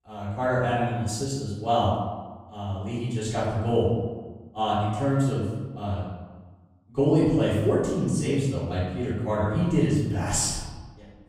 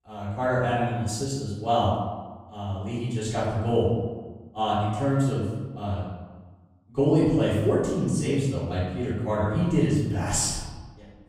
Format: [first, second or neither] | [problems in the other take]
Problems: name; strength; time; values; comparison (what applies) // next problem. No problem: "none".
neither | off-mic speech; far; the same in both // room echo; strong; dies away in 1.2 s; the same in both